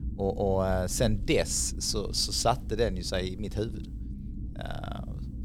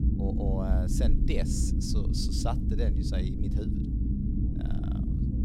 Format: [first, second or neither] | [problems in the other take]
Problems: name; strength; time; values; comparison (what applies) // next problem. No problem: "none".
first | low rumble; loud; throughout; 2 dB below the speech; faint in the first